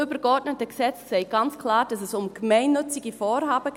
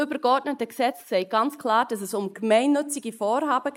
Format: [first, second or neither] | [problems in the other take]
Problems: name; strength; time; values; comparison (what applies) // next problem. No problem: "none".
first | noise reduction (neural mask model Resemble Enhance denoiser)